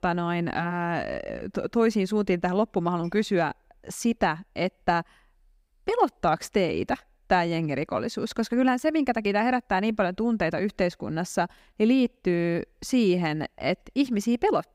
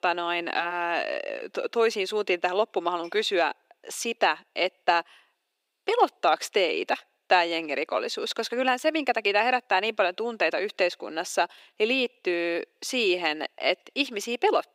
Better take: first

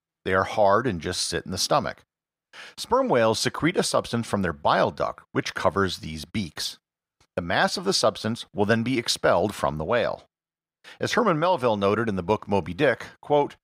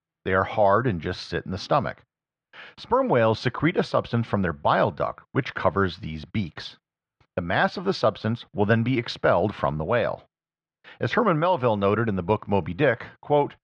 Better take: first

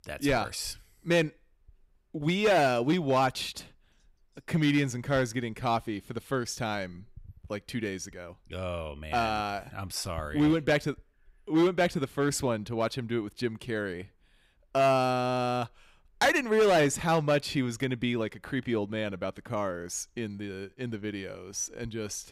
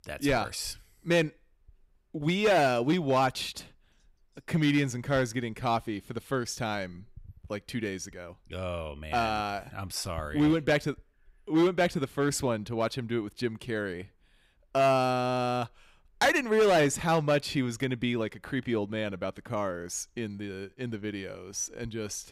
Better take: neither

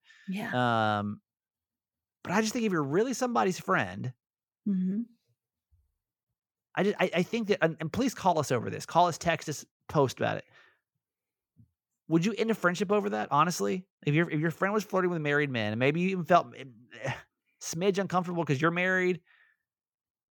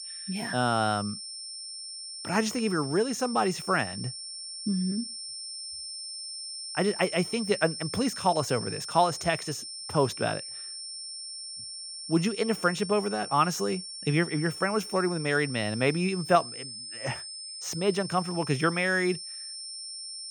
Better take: first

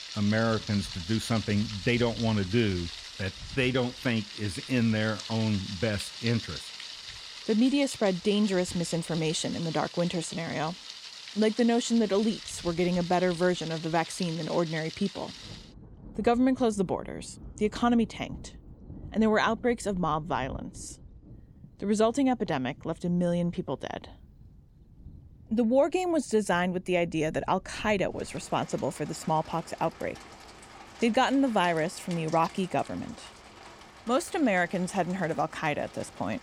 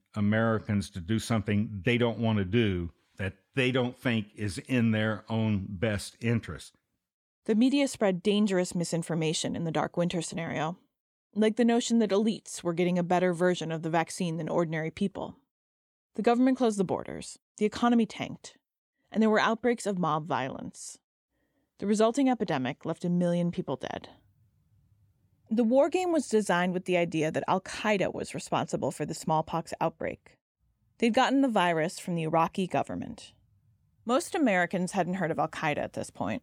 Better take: second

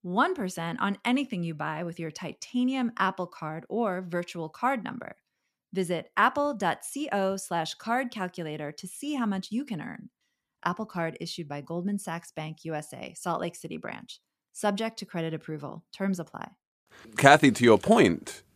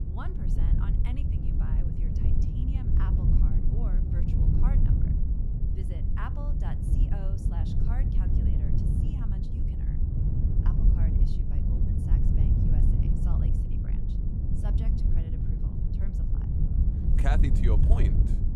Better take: first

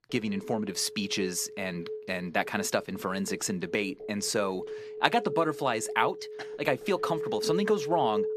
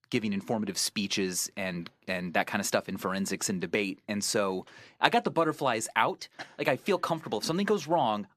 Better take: second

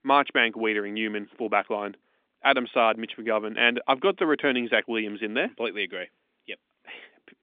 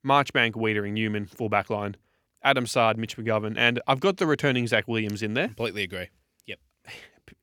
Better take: second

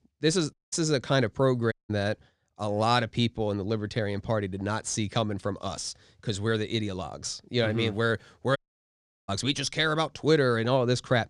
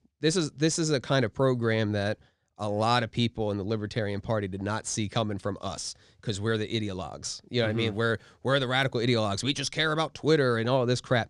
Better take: second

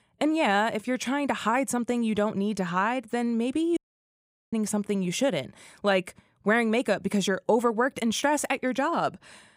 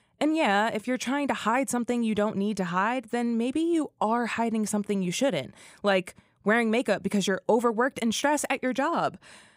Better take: second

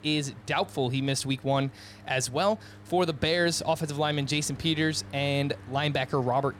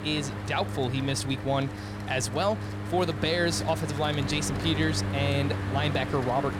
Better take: first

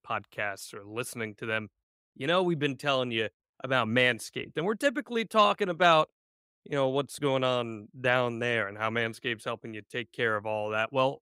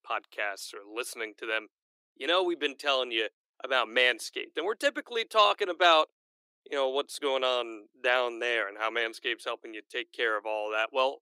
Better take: first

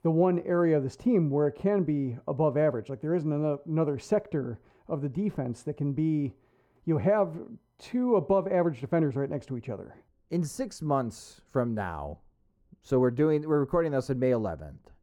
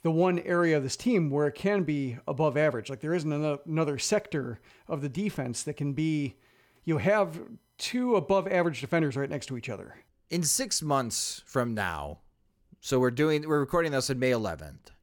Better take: second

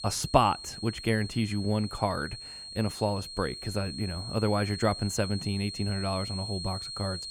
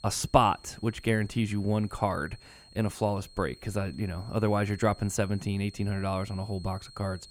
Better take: second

